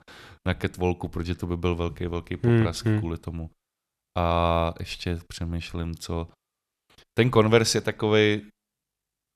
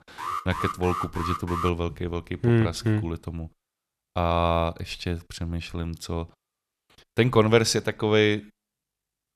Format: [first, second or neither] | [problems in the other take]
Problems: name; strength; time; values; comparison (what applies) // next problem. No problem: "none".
first | alarm; noticeable; until 1.5 s; peak 5 dB below the speech